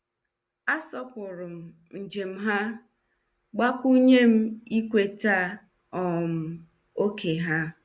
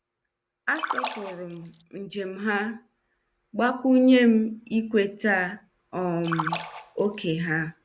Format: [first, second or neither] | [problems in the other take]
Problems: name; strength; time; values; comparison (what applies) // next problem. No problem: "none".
first | background sound (Splash, splatter); 8 dB below the speech